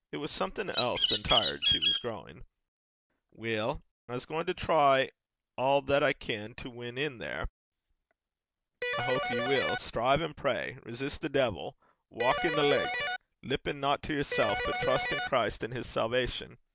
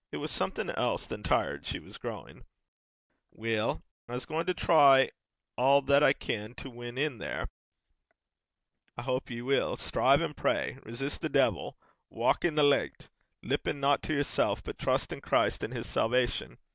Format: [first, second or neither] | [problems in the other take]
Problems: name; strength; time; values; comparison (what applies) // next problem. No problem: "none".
second | background sound (Bird + Electric guitar); 1 dB above the speech